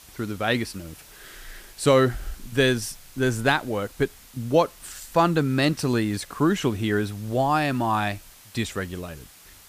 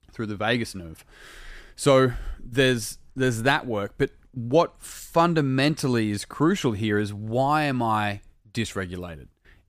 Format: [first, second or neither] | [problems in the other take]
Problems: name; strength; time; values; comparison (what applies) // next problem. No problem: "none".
second | hiss; faint; throughout; 25 dB below the speech